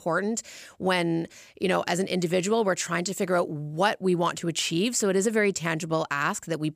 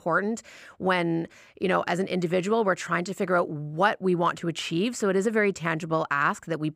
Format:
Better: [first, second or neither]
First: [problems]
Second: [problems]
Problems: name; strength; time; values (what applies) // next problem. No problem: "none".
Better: first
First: none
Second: muffled; slightly; fading above 3.5 kHz